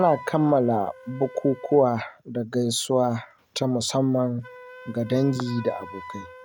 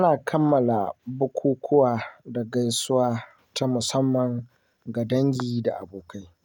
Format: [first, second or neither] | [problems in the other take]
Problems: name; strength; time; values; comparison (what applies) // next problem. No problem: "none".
second | background sound (Wind instrument, woodwind instrument); 20 dB below the speech